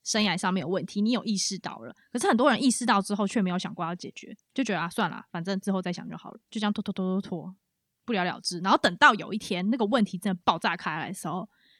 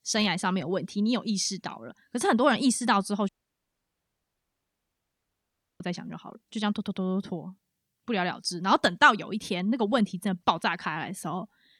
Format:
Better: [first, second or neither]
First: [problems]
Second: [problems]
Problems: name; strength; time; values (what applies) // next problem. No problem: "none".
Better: first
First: none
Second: audio cutting out; at 3.5 s for 2.5 s